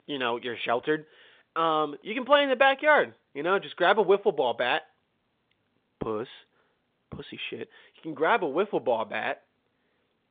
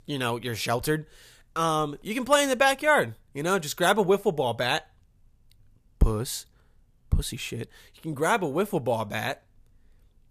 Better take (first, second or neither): second